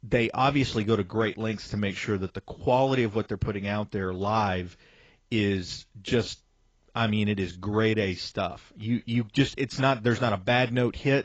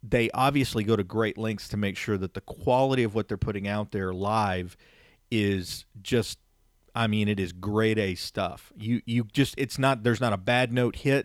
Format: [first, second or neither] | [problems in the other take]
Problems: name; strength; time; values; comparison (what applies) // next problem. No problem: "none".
second | garbled, watery; badly; nothing above 7.5 kHz